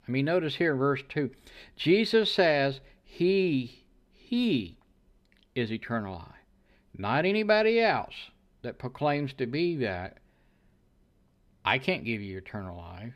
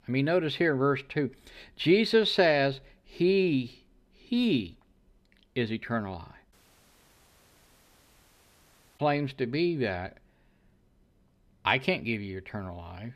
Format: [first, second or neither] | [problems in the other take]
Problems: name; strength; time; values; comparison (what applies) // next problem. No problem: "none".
first | audio cutting out; at 6.5 s for 2.5 s